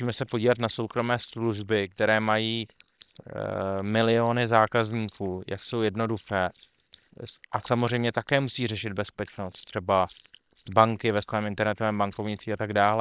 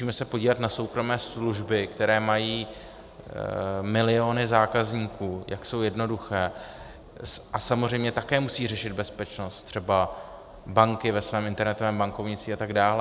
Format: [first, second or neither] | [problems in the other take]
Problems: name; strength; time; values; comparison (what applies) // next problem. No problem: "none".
second | noise reduction (neural separator model SepFormer WHAM!)